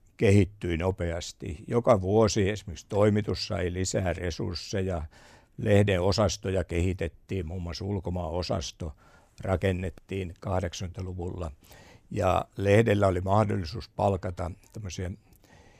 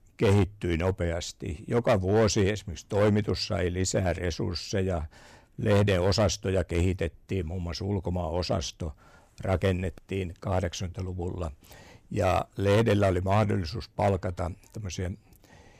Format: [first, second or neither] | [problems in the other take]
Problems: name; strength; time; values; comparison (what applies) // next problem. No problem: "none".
first | distortion; slight; 4% of the sound clipped